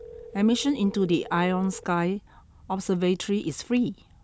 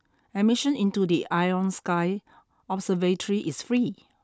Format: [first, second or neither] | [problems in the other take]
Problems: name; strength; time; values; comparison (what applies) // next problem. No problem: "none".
second | background sound (Telephone); 19 dB below the speech